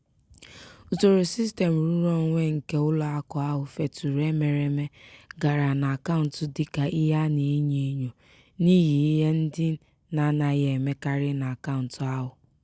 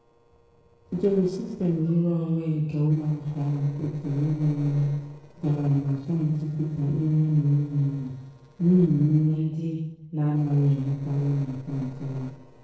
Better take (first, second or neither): first